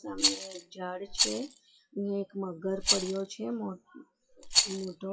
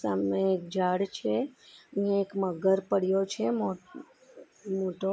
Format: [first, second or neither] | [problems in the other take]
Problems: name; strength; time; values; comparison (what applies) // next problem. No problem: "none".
second | noise reduction (classical method WPE with log-MMSE)